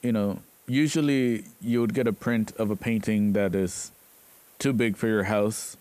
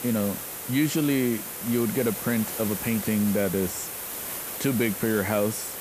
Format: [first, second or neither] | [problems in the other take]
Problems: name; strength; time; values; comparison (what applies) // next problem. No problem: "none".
first | hiss; loud; throughout; 6 dB below the speech; faint in the first